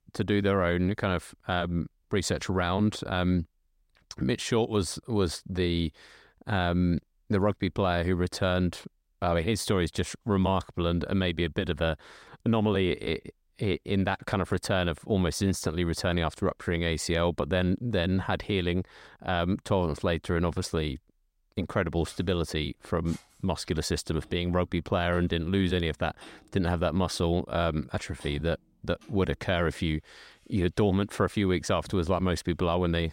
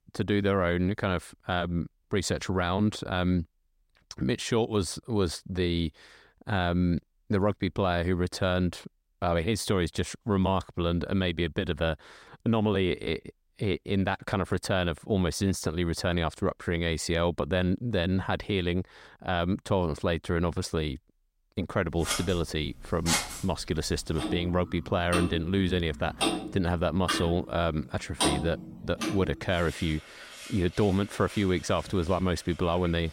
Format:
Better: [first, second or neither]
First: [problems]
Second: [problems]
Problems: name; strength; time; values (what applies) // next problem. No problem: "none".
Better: first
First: household noises; faint; from 22 s on; 30 dB below the speech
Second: household noises; loud; from 22 s on; 5 dB below the speech